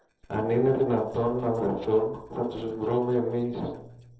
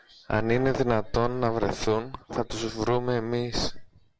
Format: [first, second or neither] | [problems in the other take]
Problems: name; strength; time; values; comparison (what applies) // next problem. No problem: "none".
second | noise reduction (neural separator model SepFormer DNS4)